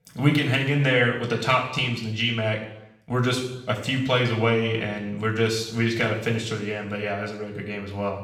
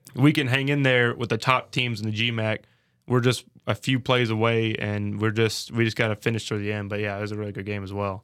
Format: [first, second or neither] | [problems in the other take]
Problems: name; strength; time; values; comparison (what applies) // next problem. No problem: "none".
second | room echo; noticeable; dies away in 0.8 s // off-mic speech; somewhat distant